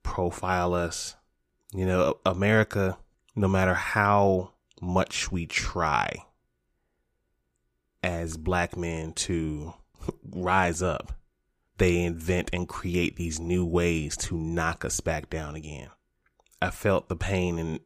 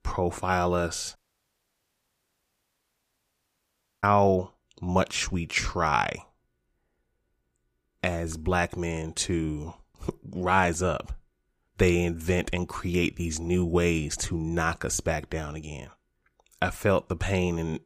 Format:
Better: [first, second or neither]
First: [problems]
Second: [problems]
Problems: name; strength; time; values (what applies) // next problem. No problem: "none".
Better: first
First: none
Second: audio cutting out; at 1 s for 3 s